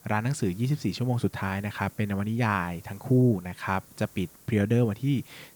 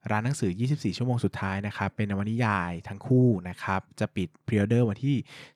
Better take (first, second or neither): second